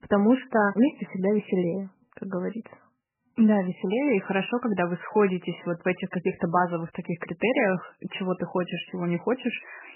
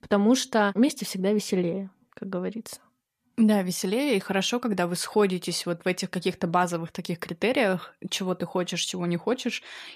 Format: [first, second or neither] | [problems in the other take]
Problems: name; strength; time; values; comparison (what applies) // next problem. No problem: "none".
second | garbled, watery; badly; nothing above 3 kHz